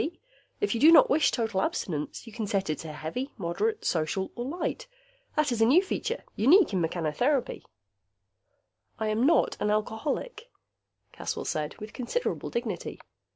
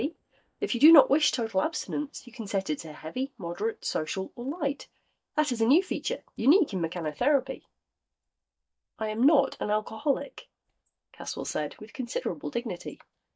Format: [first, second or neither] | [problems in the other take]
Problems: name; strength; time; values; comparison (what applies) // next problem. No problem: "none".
first | noise reduction (neural mask model DeepFilterNet 3)